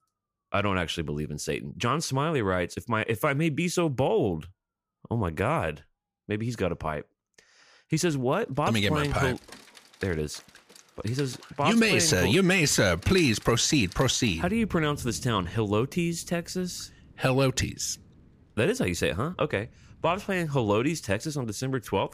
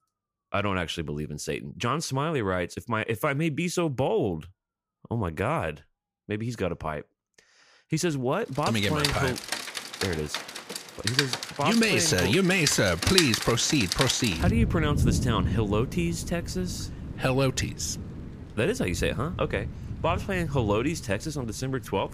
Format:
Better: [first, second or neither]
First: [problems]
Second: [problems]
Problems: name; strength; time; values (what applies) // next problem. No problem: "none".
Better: first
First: rain or running water; faint; from 8.5 s on; 20 dB below the speech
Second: rain or running water; loud; from 8.5 s on; 4 dB below the speech